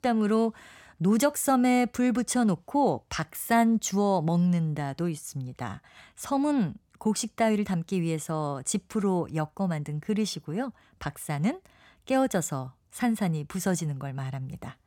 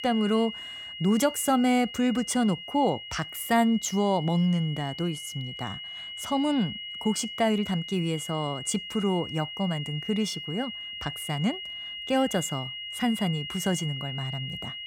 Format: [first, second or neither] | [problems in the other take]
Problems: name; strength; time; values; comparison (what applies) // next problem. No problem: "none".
first | high-pitched whine; loud; throughout; 3 kHz, 8 dB below the speech